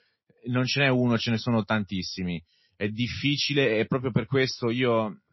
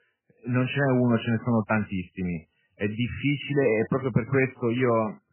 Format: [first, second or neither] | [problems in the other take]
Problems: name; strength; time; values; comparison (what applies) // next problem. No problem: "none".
first | garbled, watery; badly; nothing above 3 kHz; slightly in the first